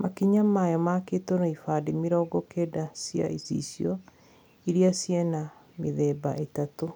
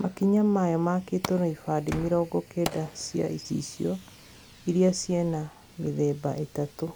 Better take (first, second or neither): first